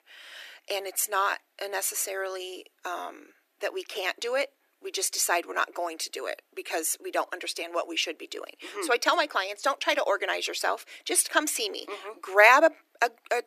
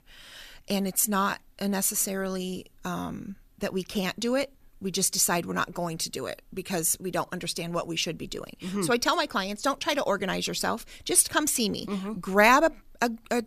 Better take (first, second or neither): second